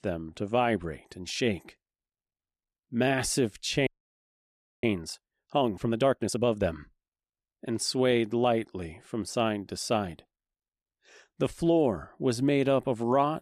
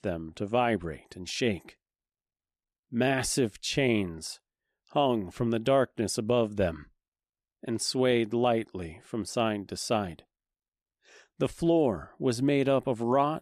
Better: second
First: audio freezing; at 4 s for 1 s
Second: none

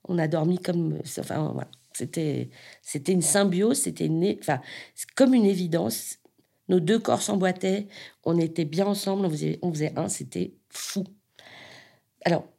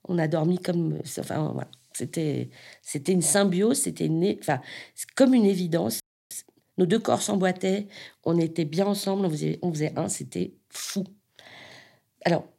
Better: first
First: none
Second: audio freezing; at 6 s

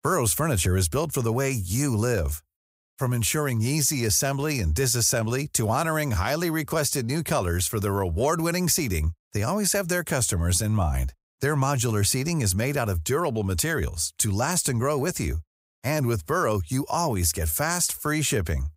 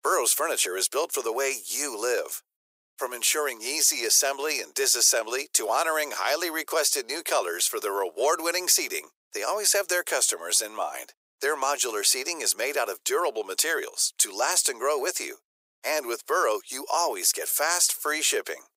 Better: first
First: none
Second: thin; very; fading below 400 Hz

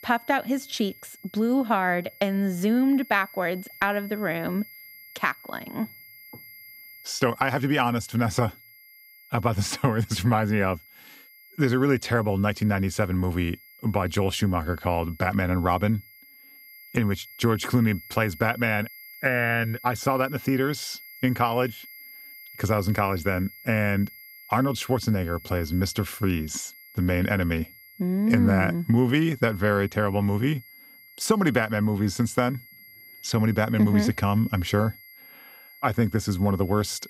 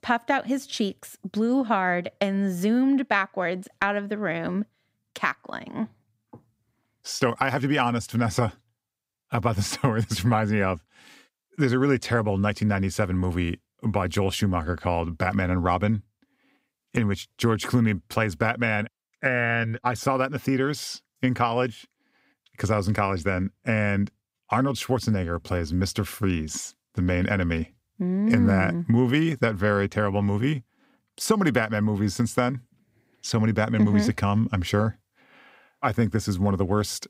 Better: second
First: high-pitched whine; noticeable; throughout; 2 kHz, 20 dB below the speech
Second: none

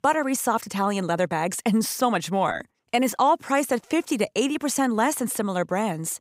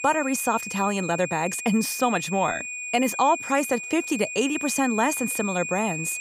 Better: first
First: none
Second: high-pitched whine; loud; throughout; 2.5 kHz, 6 dB below the speech

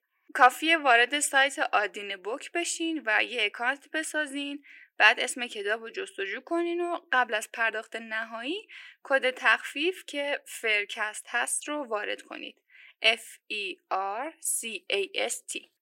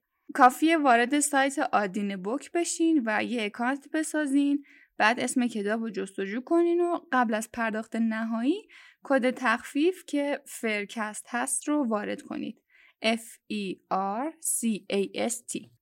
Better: second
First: thin; somewhat; fading below 400 Hz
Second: none

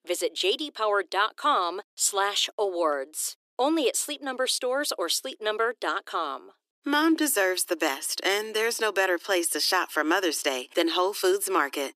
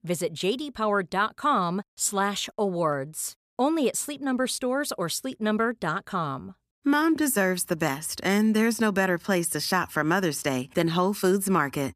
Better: second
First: thin; somewhat; fading below 300 Hz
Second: none

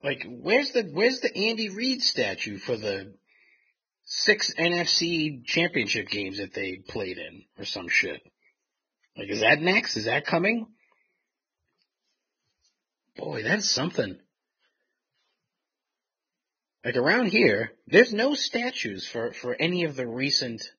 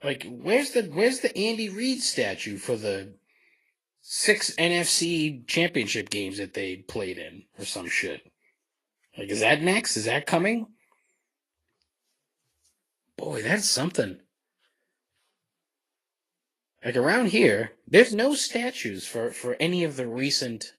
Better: second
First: garbled, watery; badly; nothing above 6.5 kHz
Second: garbled, watery; slightly; nothing above 11 kHz

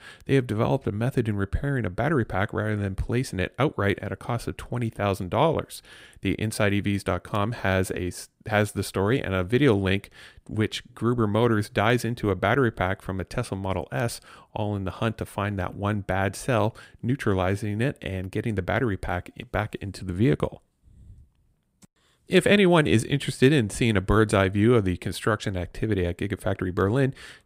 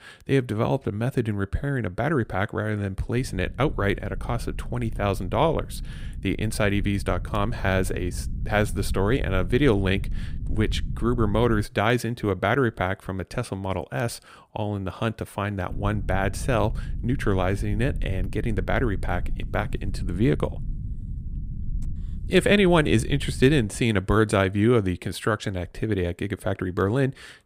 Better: first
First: none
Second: low rumble; faint; from 3 to 12 s and from 16 to 24 s; 20 dB below the speech

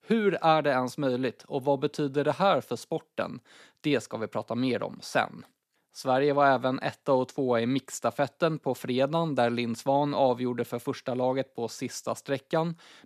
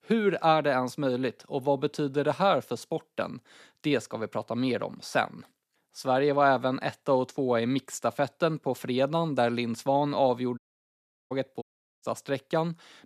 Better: first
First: none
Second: audio cutting out; at 11 s for 0.5 s and at 12 s

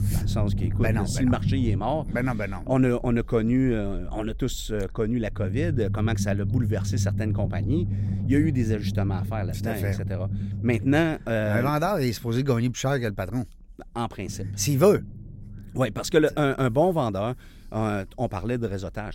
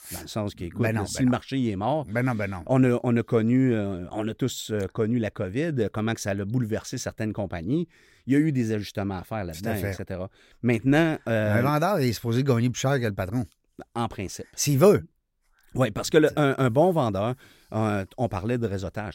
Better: second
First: low rumble; noticeable; throughout; 15 dB below the speech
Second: none

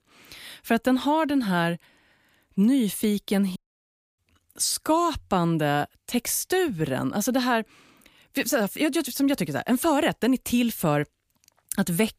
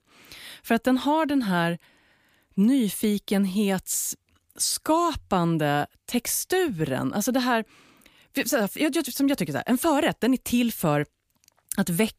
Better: second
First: audio cutting out; at 3.5 s for 0.5 s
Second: none

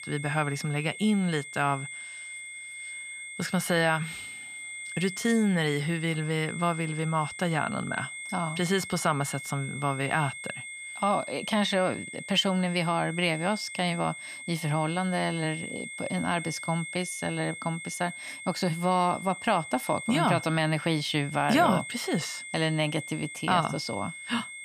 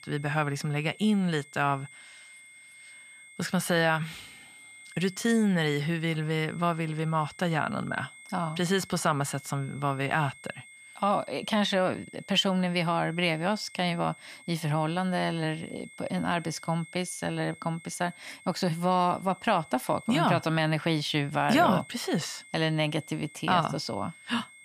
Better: second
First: high-pitched whine; loud; throughout; 2 kHz, 10 dB below the speech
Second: high-pitched whine; faint; throughout; 2 kHz, 20 dB below the speech

